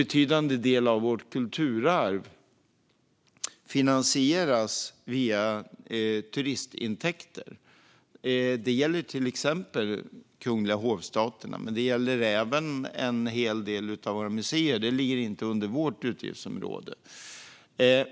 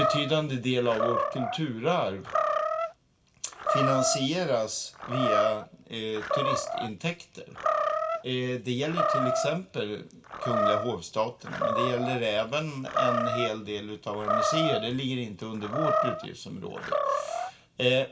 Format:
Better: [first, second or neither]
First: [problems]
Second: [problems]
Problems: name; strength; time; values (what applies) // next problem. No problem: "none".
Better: first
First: none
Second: background sound (Animal); as loud as the speech // room echo; dies away in 0.2 s